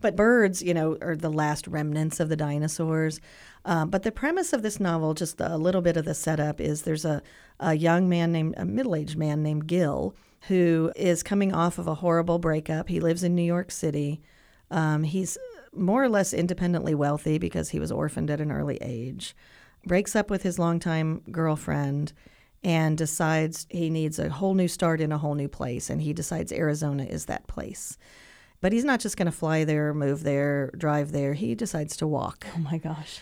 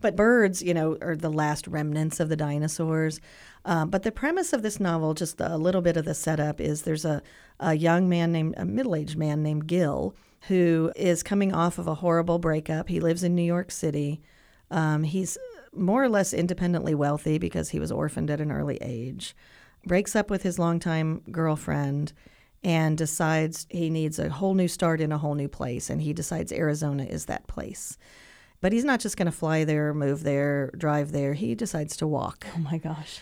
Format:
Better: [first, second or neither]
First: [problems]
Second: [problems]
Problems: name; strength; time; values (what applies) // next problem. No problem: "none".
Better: neither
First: none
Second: none